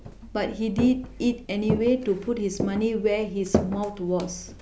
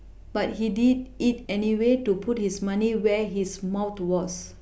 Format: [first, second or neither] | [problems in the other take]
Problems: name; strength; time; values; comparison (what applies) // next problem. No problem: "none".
second | background sound (Walk, footsteps); 7 dB below the speech